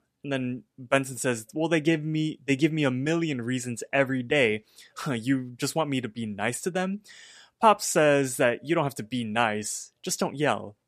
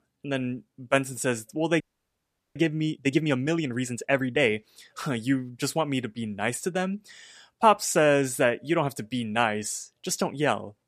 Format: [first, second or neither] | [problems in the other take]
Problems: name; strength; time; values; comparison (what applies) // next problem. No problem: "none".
first | audio freezing; at 2 s for 0.5 s